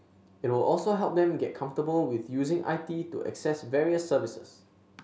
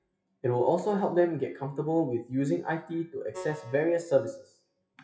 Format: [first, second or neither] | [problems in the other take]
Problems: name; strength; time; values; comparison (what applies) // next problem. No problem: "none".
first | noise reduction (classical method WPE with log-MMSE)